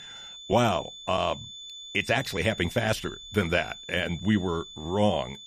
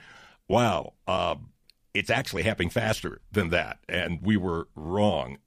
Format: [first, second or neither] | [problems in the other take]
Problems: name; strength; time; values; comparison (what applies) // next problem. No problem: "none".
second | high-pitched whine; noticeable; throughout; 3.5 kHz, 15 dB below the speech